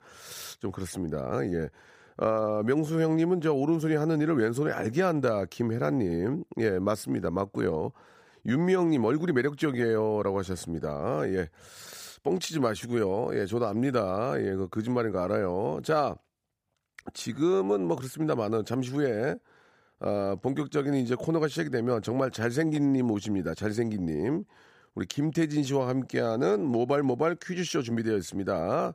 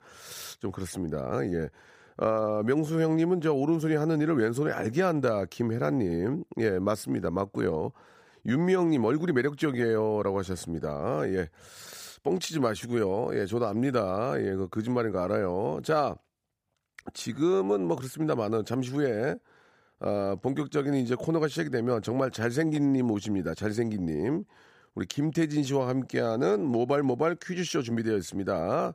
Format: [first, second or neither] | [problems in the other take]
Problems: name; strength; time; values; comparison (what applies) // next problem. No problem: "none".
neither | none